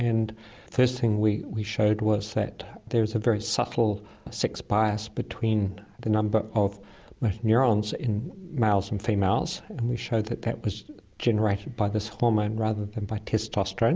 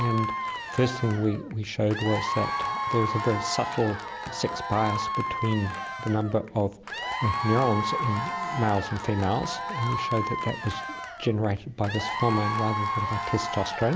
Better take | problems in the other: first | background sound (Applause / Crowd / Cheering); 4 dB below the speech

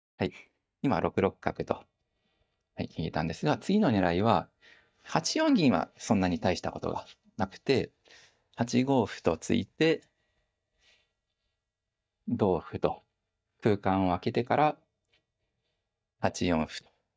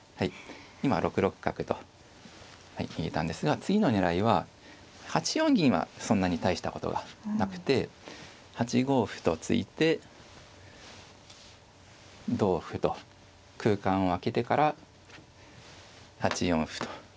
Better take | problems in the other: second | noise reduction (neural mask model DeepFilterNet 3)

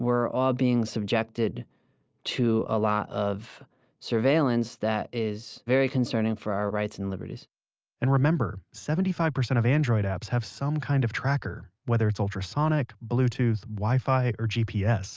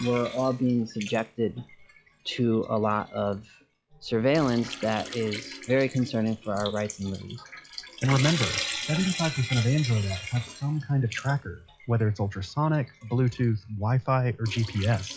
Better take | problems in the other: first | noise reduction (classical method log-MMSE)

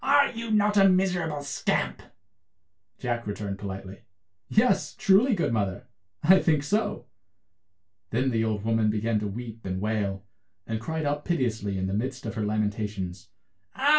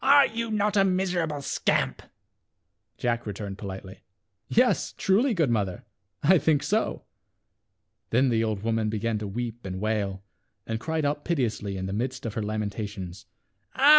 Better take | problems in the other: second | room echo; dies away in 0.2 s

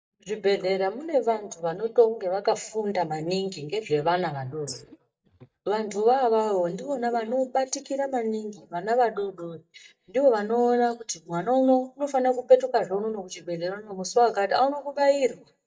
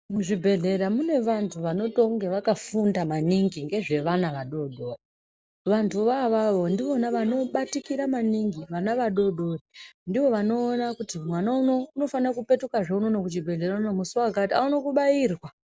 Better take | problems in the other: second | noise reduction (neural mask model DeepFilterNet 3)

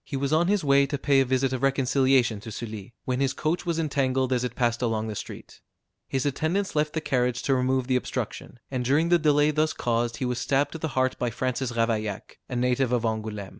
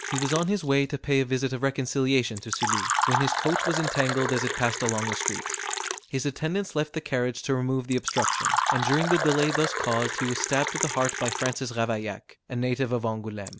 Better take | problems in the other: first | background sound (Fill (with liquid)); 3 dB below the speech

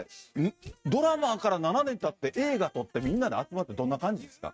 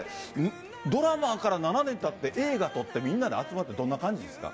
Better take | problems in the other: second | noise reduction (neural mask model RNNoise)

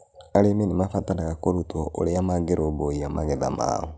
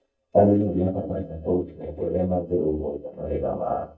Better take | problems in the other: first | noise reduction (neural mask model DeepFilterNet 3)

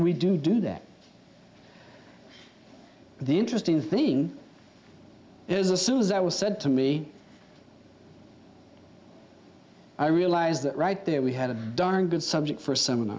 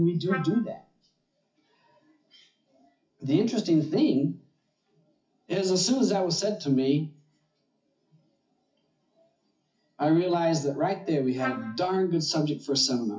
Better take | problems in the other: first | noise reduction (classical method WPE with log-MMSE)

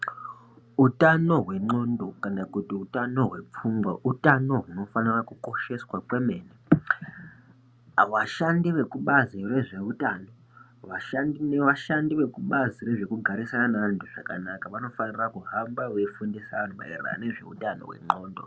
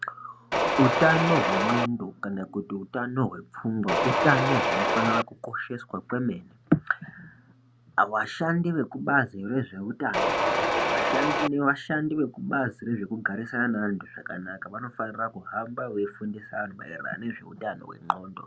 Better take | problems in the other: first | background sound (Mechanisms); 4 dB above the speech

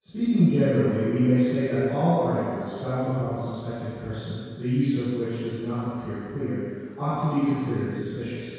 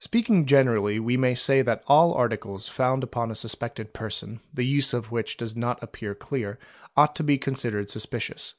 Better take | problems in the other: second | room echo; dies away in 2 s

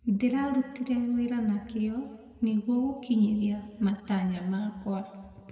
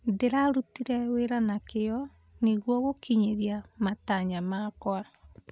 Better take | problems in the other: second | room echo; dies away in 1.7 s

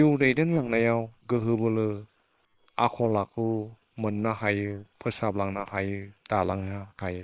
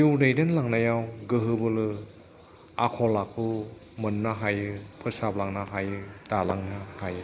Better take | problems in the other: second | noise reduction (neural separator model SepFormer WHAM!)

